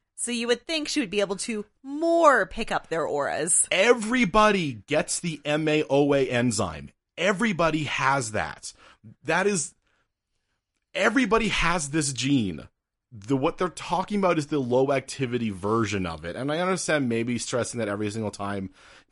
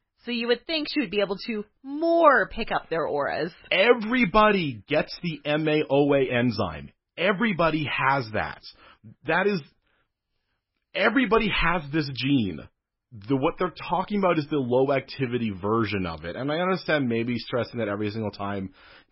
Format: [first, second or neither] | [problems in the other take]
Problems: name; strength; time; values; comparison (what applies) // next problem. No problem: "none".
first | garbled, watery; badly; nothing above 5.5 kHz; slightly in the first